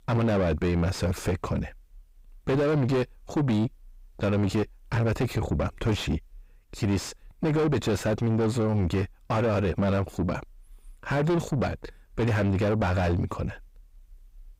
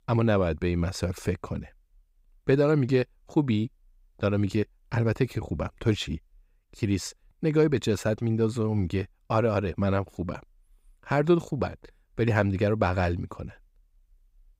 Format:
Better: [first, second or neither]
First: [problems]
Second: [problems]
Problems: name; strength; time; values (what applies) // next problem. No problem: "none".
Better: second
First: distortion; heavy; 5 dB below the speech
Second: none